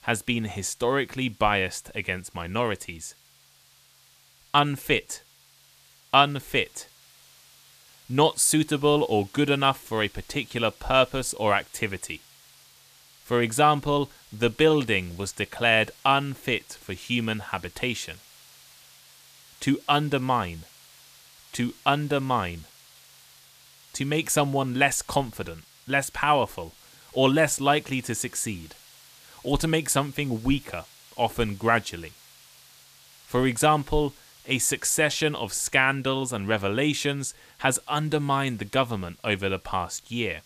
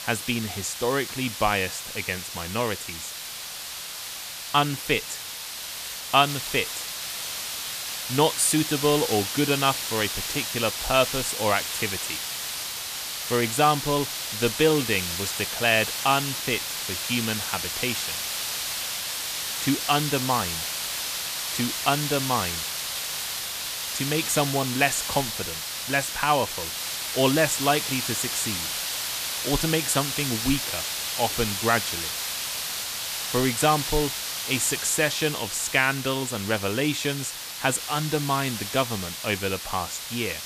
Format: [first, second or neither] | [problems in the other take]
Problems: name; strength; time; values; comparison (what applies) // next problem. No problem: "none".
first | hiss; loud; throughout; 3 dB below the speech; faint in the first